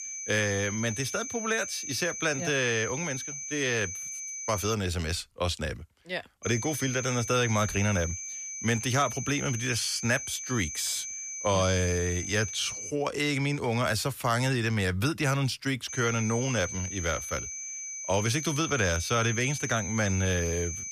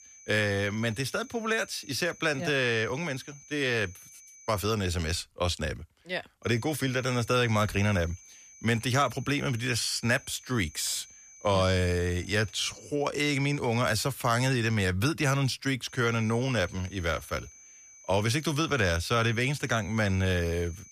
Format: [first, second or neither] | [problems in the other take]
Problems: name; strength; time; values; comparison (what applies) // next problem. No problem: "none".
second | high-pitched whine; loud; until 4.5 s, from 6.5 to 13 s and from 16 s on; 6 kHz, 6 dB below the speech; faint in the second